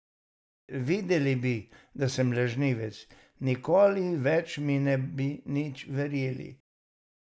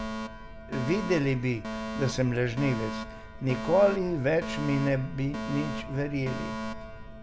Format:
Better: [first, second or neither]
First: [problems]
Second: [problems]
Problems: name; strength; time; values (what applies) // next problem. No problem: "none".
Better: first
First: none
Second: background sound (Alarm + Fire); 7 dB below the speech